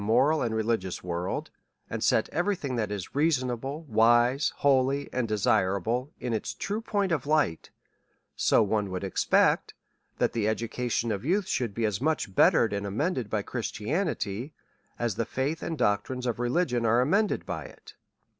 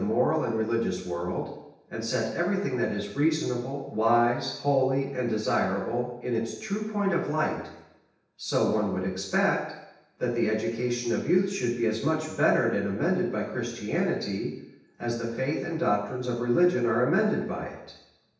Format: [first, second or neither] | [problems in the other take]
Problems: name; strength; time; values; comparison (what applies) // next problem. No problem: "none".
first | room echo; dies away in 0.9 s